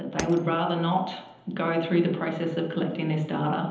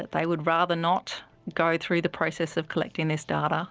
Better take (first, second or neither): second